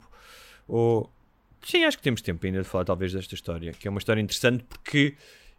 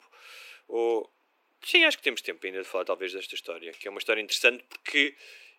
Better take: first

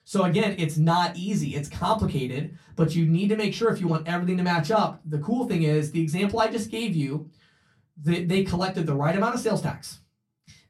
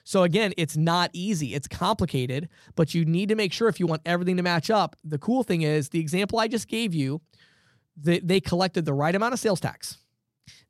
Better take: second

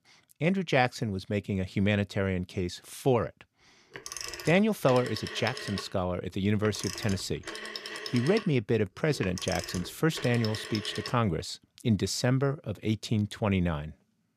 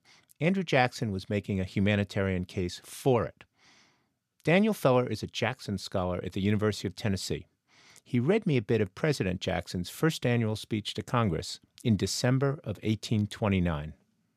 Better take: second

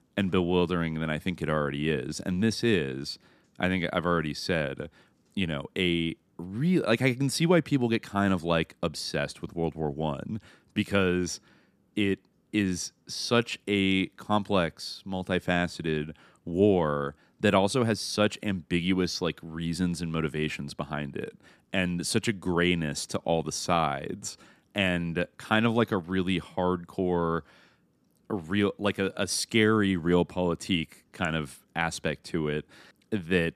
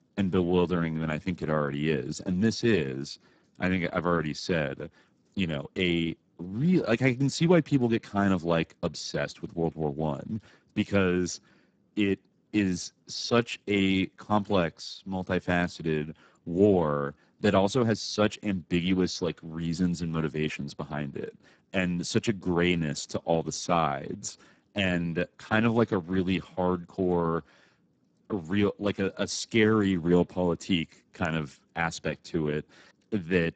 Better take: first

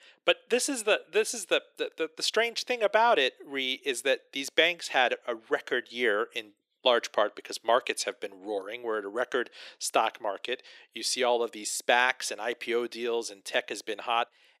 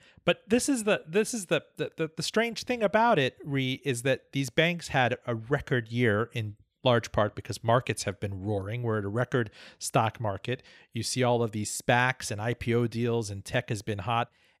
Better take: second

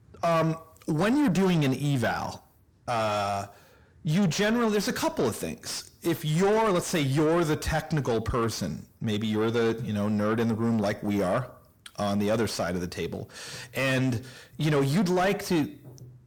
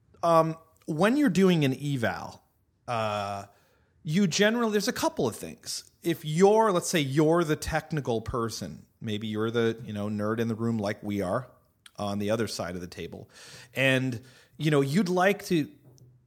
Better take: second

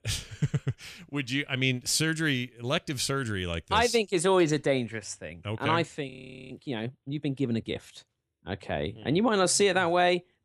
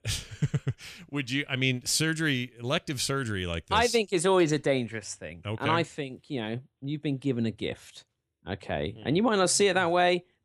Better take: second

